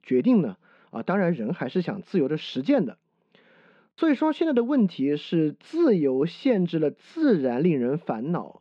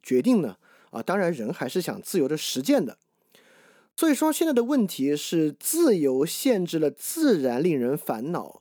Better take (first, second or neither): second